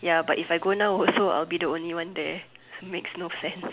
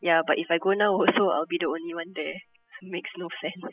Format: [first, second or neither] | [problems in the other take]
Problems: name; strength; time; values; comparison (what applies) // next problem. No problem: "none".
first | noise reduction (classical method spectral subtraction)